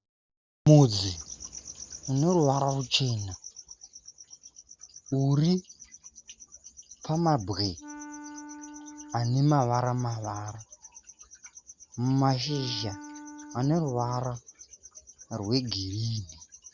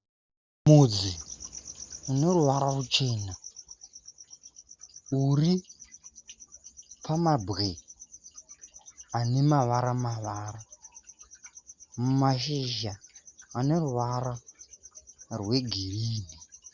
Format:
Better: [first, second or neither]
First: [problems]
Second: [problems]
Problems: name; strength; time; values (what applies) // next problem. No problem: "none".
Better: second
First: background sound (Wind instrument, woodwind instrument); 17 dB below the speech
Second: none